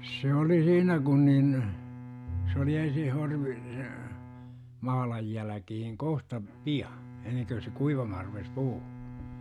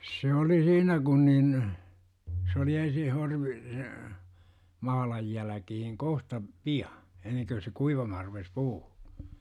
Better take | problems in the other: second | background sound (Bowed string instrument); 15 dB below the speech

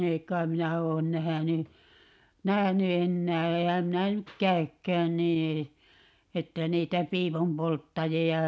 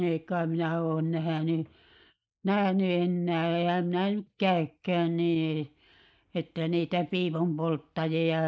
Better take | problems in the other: first | noise reduction (neural mask model Resemble Enhance denoiser)

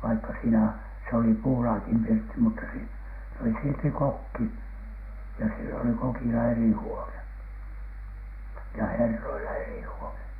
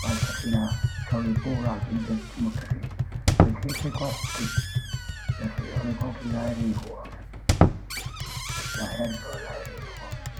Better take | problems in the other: first | background sound (Tap + Squeak); 4 dB above the speech

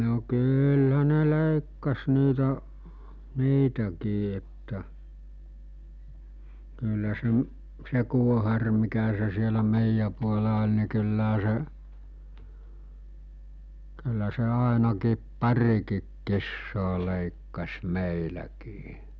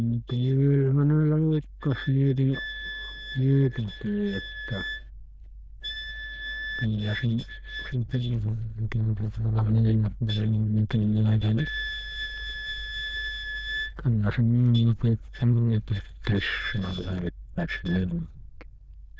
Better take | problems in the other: first | noise reduction (neural diffusion model UNIVERSE++)

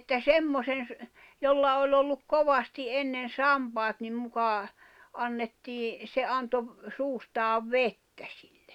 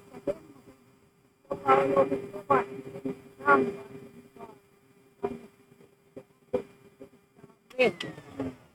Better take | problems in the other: first | noise reduction (neural mask model RNNoise)

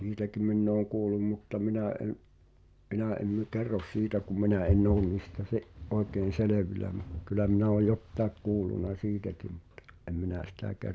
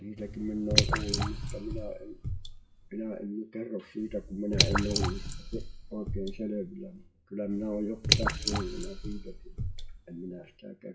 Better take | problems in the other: first | noise reduction (classical method WPE with log-MMSE)

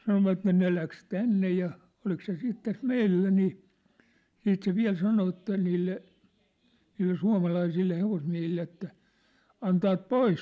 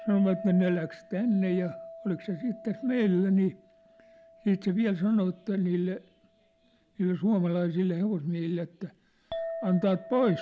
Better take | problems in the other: first | background sound (Chink, clink); 16 dB below the speech

